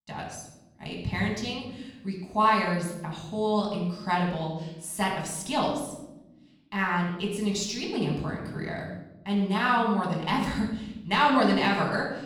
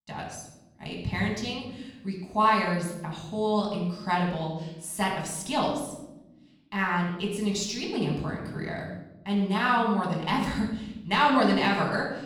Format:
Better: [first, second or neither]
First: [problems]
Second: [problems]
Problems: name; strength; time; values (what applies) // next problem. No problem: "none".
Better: neither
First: off-mic speech; far // room echo; noticeable; dies away in 0.9 s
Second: off-mic speech; far // room echo; noticeable; dies away in 0.9 s